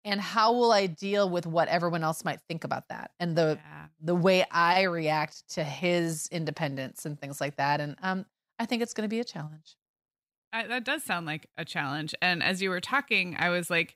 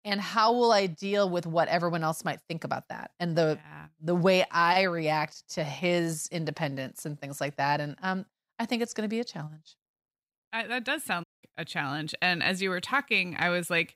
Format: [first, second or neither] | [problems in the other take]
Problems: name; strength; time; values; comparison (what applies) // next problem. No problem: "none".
first | audio cutting out; at 11 s